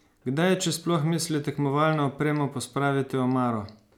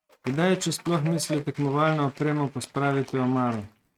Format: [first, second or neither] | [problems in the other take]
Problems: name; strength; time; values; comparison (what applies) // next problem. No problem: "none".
first | noise reduction (neural mask model RNNoise)